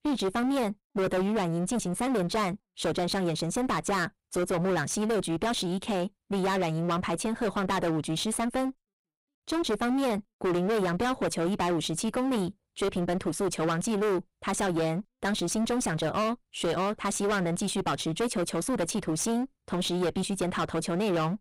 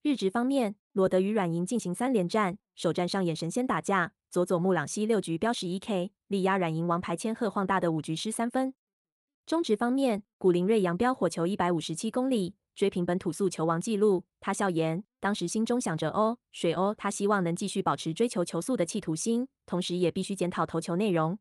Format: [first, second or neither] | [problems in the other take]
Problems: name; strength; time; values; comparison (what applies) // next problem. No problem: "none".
second | distortion; heavy; 25% of the sound clipped